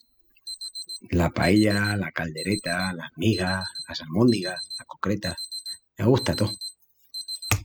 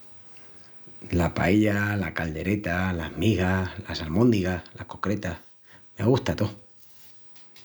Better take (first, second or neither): second